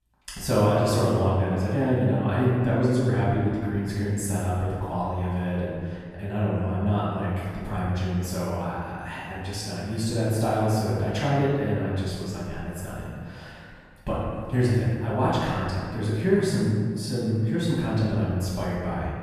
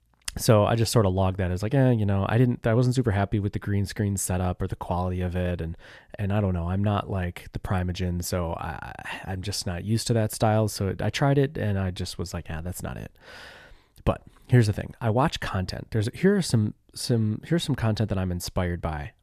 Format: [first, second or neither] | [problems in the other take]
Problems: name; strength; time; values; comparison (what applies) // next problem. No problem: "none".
second | room echo; strong; dies away in 1.7 s // off-mic speech; far